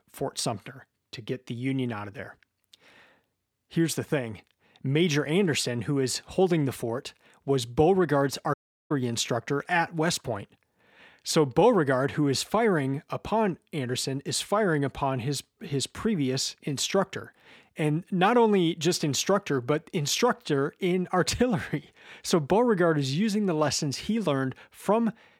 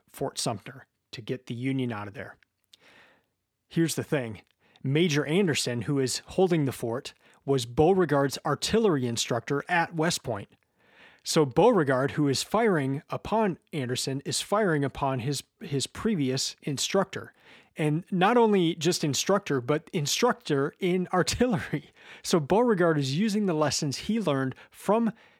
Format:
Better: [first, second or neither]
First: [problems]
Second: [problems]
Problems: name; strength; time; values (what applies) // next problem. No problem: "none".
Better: second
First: audio cutting out; at 8.5 s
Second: none